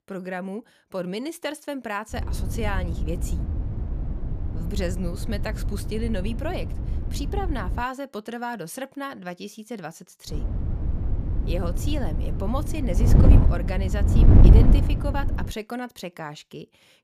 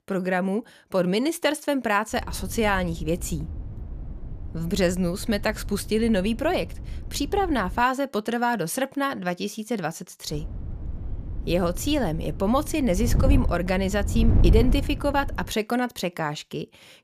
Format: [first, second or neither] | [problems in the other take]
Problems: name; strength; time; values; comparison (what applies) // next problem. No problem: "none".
second | wind noise on the microphone; heavy; from 2 to 8 s and from 10 to 16 s; 3 dB below the speech; occasional gusts in the second